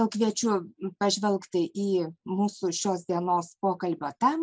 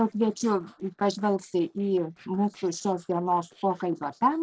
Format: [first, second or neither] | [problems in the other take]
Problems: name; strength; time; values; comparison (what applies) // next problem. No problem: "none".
first | noise reduction (neural separator model SepFormer DNS4)